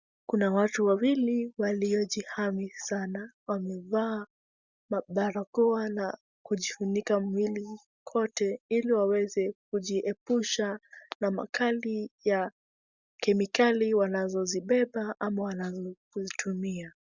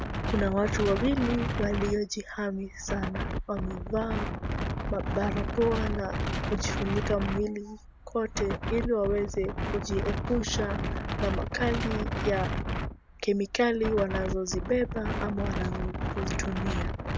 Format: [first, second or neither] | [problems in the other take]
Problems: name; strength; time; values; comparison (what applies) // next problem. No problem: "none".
first | background sound (Wind); 1 dB below the speech